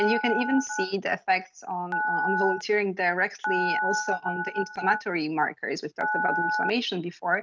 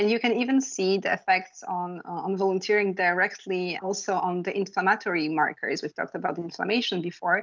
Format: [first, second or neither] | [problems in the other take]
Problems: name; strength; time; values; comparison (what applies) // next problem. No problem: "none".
second | noise reduction (neural mask model RNNoise)